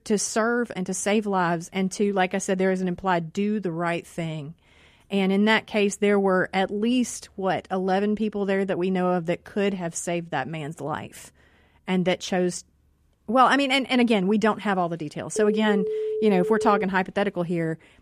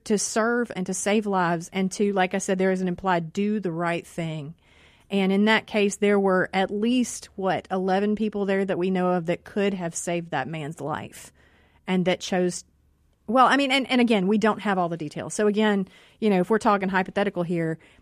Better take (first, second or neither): second